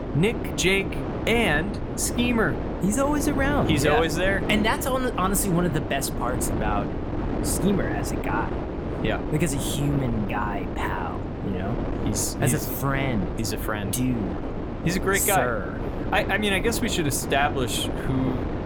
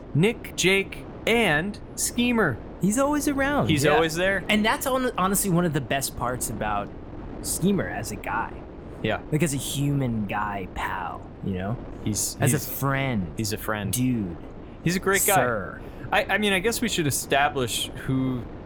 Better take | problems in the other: second | wind noise on the microphone; heavy; 7 dB below the speech; occasional gusts in the second

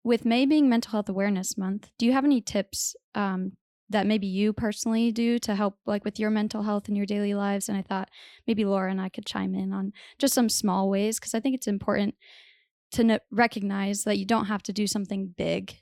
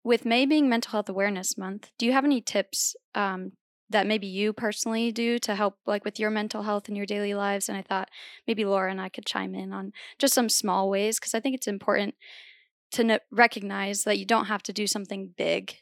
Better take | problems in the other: first | thin; very slightly; fading below 300 Hz

